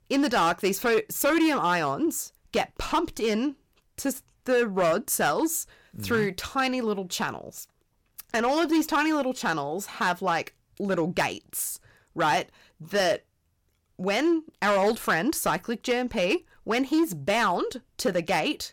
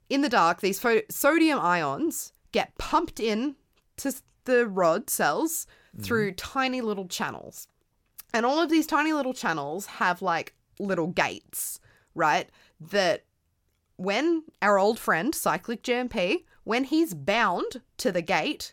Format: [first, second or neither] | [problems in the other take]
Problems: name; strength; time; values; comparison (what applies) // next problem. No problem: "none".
second | distortion; slight; 5% of the sound clipped